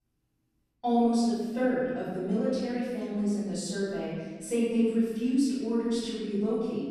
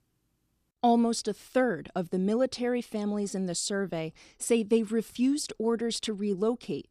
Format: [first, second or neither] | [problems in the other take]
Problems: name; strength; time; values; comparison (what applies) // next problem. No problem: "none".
second | off-mic speech; far // room echo; strong; dies away in 1.7 s